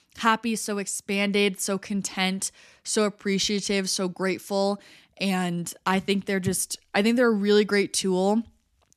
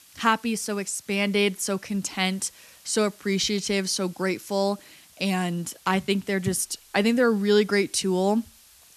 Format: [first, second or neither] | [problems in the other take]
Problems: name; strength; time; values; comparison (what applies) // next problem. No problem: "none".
first | hiss; faint; throughout; 25 dB below the speech